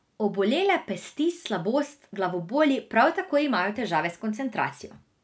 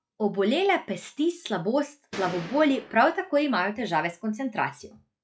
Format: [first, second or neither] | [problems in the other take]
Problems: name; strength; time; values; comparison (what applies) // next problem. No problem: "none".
first | noise reduction (classical method log-MMSE)